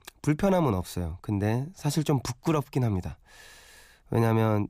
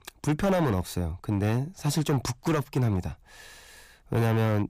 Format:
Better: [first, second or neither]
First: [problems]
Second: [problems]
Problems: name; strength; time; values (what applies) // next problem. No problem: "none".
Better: first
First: none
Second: distortion; slight; 7% of the sound clipped